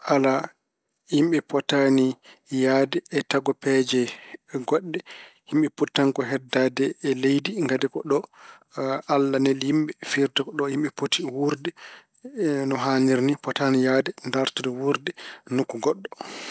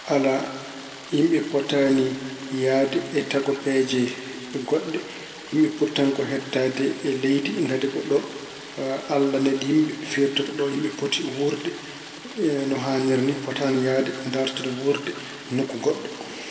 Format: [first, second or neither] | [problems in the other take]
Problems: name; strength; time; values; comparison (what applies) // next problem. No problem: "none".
first | background sound (Stream); 17 dB below the speech // room echo; dies away in 2.2 s